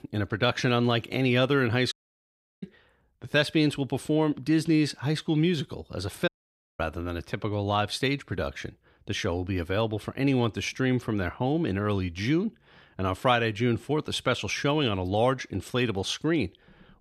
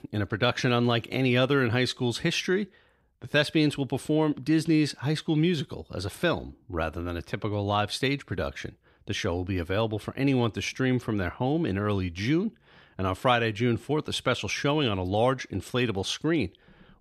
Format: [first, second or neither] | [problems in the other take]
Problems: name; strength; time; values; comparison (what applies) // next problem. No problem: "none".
second | audio cutting out; at 2 s for 0.5 s and at 6.5 s for 0.5 s